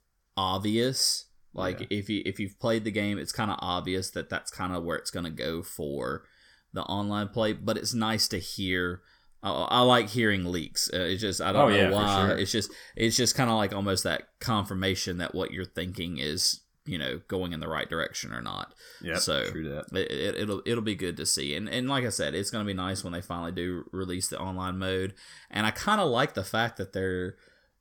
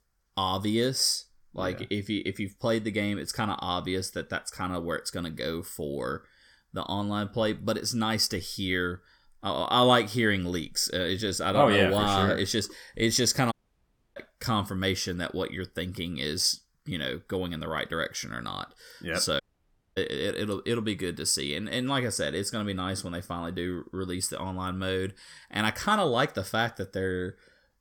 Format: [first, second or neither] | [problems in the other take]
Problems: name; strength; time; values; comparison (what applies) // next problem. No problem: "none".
first | audio cutting out; at 14 s for 0.5 s and at 19 s for 0.5 s